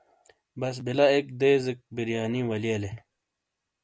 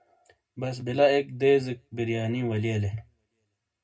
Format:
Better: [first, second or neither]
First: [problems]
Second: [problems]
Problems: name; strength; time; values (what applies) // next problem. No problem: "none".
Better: first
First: none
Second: room echo; dies away in 0.2 s